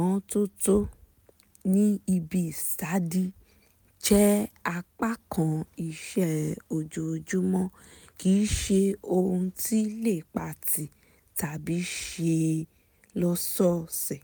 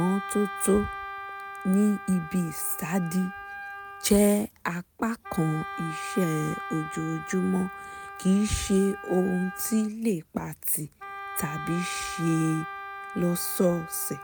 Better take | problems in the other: first | background sound (Wind instrument, woodwind instrument); 11 dB below the speech

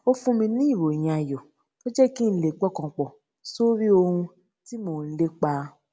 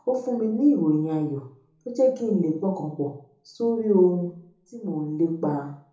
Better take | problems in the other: first | room echo; dies away in 1 s

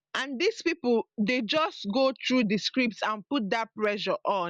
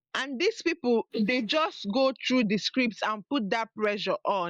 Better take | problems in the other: first | noise reduction (neural mask model Resemble Enhance denoiser)

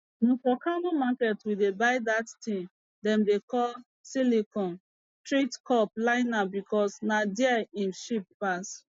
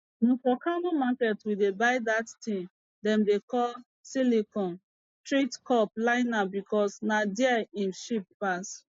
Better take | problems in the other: first | noise reduction (neural mask model Resemble Enhance denoiser)

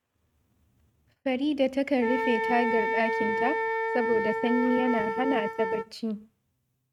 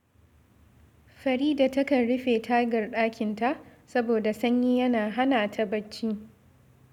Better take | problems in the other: second | noise reduction (neural mask model RNNoise)

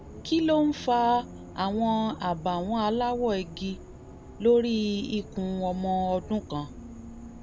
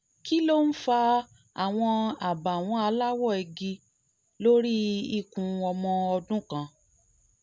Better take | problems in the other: second | background sound (Bus); 15 dB below the speech

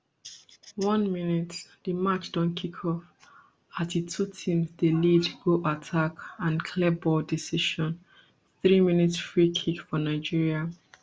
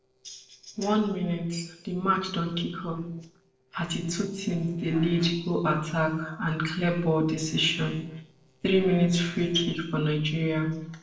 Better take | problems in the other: first | noise reduction (neural separator model SepFormer DNS4)

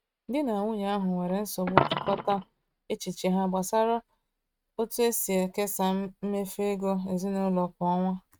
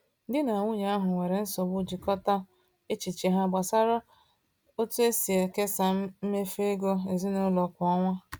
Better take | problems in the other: second | noise reduction (neural mask model RNNoise)

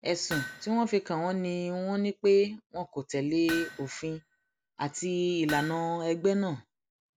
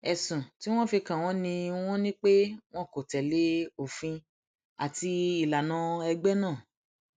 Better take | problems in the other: second | background sound (Hammer); 13 dB below the speech

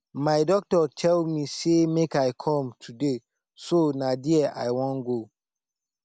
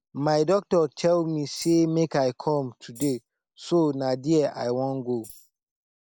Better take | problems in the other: first | noise reduction (neural mask model Resemble Enhance denoiser)

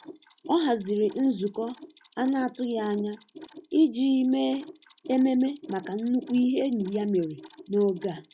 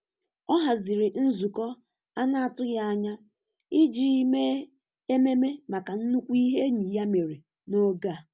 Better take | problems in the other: second | noise reduction (classical method log-MMSE)

